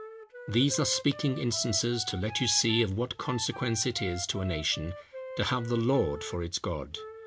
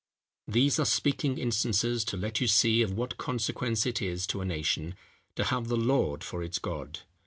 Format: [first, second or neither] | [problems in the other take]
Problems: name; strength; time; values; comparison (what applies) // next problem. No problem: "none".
second | background sound (Wind instrument, woodwind instrument); 14 dB below the speech